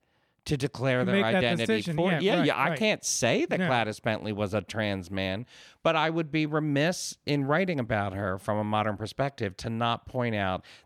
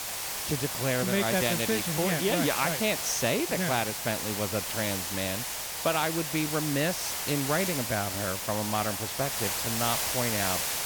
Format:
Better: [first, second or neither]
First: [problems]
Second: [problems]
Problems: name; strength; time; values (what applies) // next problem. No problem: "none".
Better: first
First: none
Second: hiss; loud; throughout; as loud as the speech